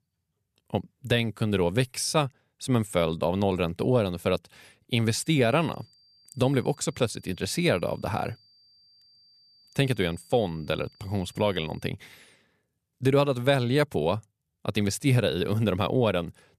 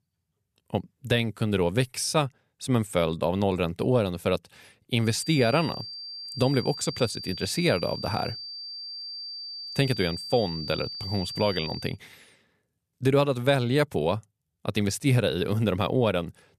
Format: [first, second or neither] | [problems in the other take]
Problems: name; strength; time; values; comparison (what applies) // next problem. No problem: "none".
first | high-pitched whine; loud; from 5 to 12 s; 4.5 kHz, 9 dB below the speech; faint in the first